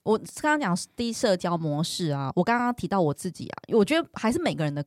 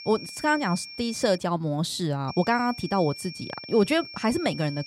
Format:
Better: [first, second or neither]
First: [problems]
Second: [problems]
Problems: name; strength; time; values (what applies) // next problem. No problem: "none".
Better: first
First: none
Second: high-pitched whine; noticeable; until 1.5 s and from 2.5 s on; 5.5 kHz, 15 dB below the speech